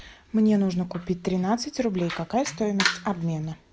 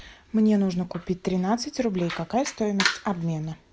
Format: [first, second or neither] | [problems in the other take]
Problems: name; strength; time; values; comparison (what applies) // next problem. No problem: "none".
second | background sound (Telephone); 19 dB below the speech